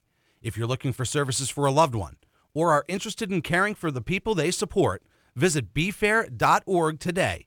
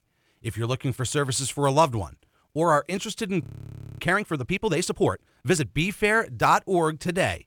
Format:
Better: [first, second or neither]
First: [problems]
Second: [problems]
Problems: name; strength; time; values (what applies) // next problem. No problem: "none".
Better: first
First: none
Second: audio freezing; at 3.5 s for 0.5 s